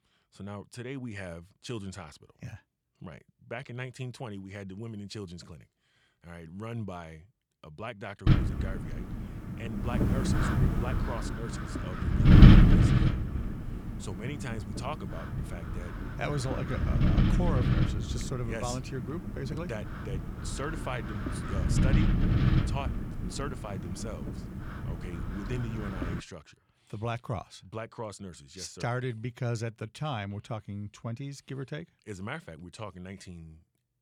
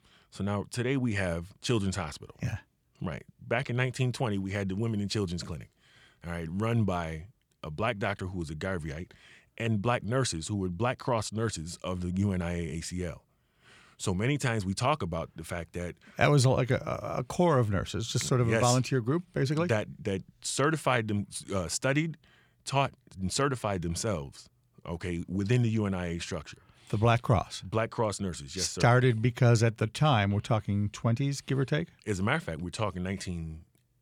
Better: second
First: wind noise on the microphone; heavy; from 8.5 to 26 s; 4 dB above the speech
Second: none

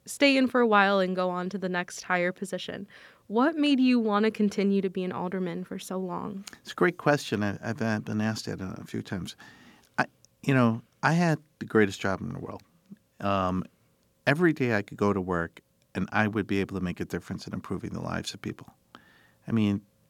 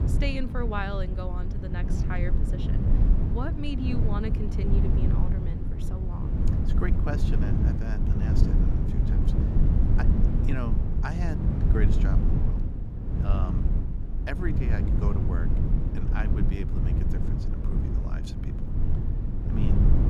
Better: first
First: none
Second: low rumble; loud; throughout; 1 dB below the speech

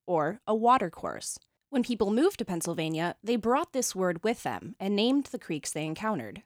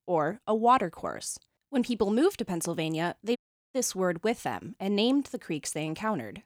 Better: first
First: none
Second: audio cutting out; at 3.5 s

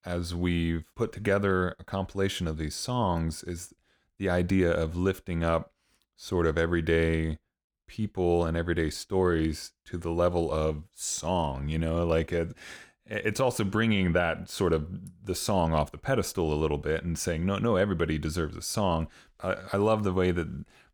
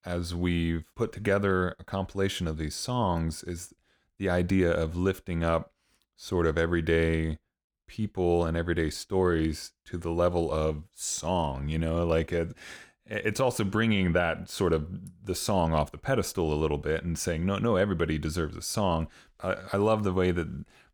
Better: neither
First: none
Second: none

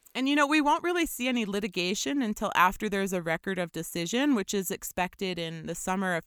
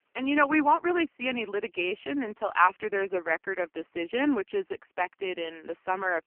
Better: first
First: none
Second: phone-call audio; poor line; nothing above 3 kHz

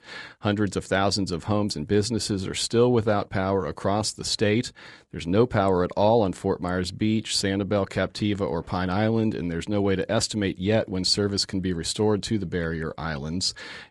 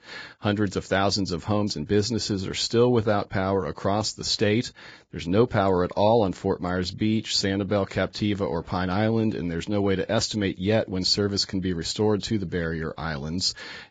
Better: first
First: garbled, watery; slightly; nothing above 10.5 kHz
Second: garbled, watery; badly; nothing above 7.5 kHz

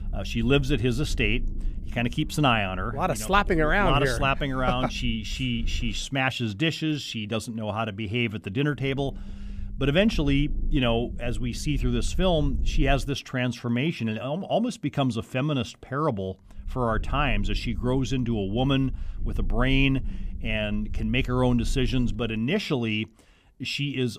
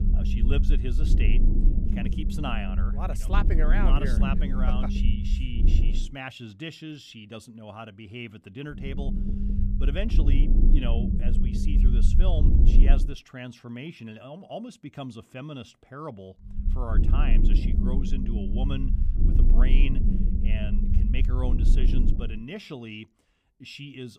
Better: first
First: low rumble; faint; until 6 s, from 9 to 13 s and from 17 to 22 s; 25 dB below the speech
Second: low rumble; loud; until 6 s, from 9 to 13 s and from 17 to 22 s; 3 dB below the speech

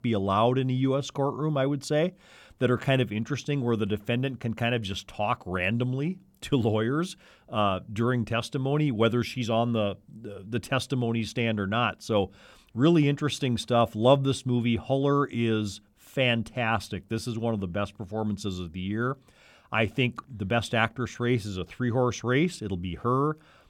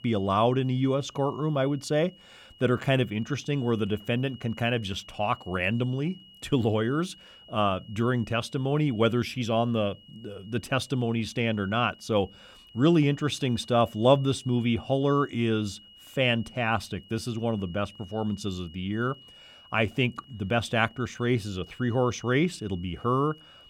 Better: first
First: none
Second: high-pitched whine; faint; throughout; 3 kHz, 25 dB below the speech

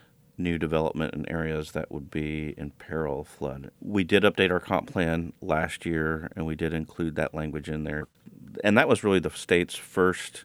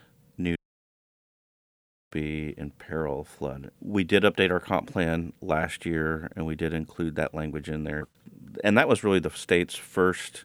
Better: first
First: none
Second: audio cutting out; at 0.5 s for 1.5 s

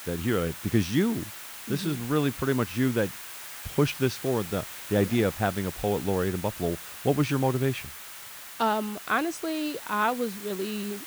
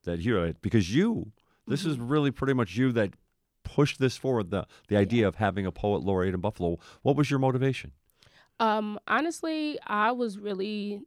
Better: second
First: hiss; noticeable; throughout; 10 dB below the speech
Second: none

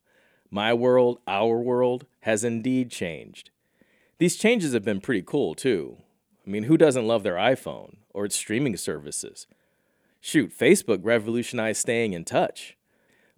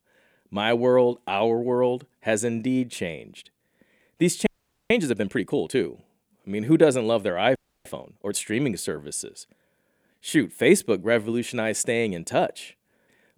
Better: first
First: none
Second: audio freezing; at 4.5 s and at 7.5 s

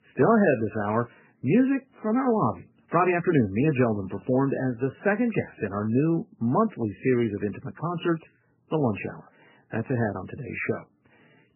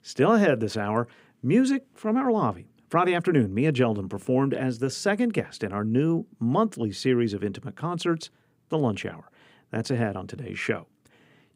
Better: second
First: garbled, watery; badly; nothing above 2.5 kHz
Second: none

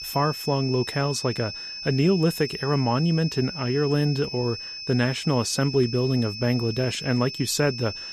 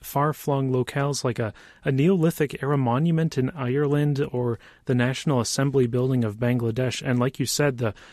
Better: second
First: high-pitched whine; loud; throughout; 5.5 kHz, 8 dB below the speech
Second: none

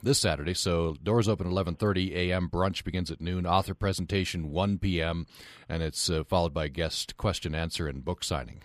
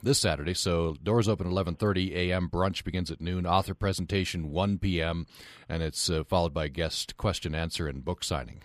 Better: neither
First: none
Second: none

